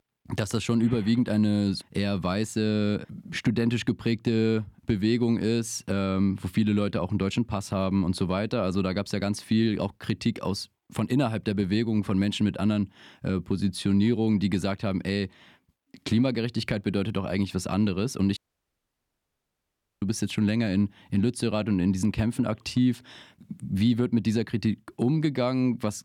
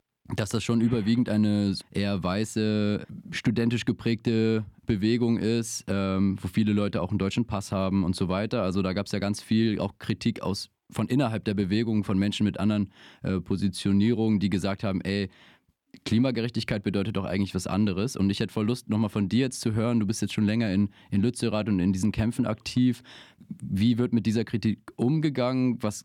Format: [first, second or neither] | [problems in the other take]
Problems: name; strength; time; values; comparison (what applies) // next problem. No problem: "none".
second | audio cutting out; at 18 s for 1.5 s